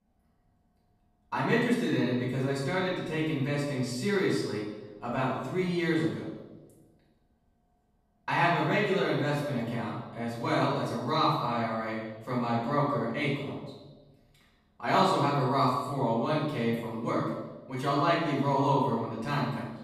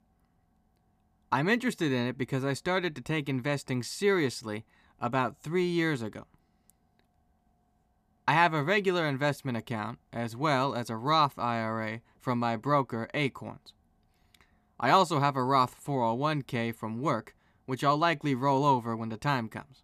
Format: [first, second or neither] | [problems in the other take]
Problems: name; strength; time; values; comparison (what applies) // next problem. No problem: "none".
second | off-mic speech; far // room echo; noticeable; dies away in 0.9 s